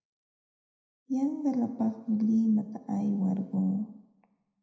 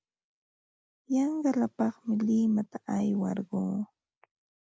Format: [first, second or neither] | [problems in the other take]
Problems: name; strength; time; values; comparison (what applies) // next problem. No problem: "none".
second | room echo; dies away in 0.8 s